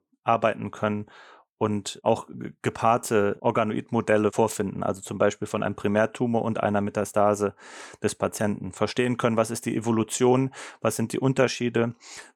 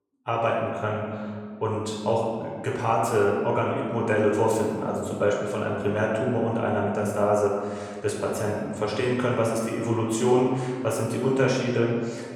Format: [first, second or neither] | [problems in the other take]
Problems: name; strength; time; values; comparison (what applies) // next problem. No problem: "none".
first | room echo; noticeable; dies away in 1.6 s // off-mic speech; far